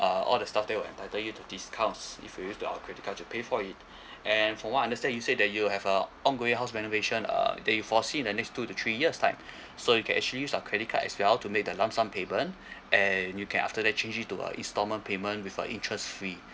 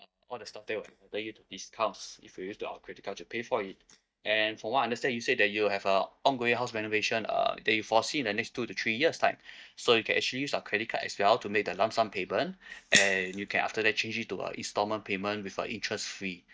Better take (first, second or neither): first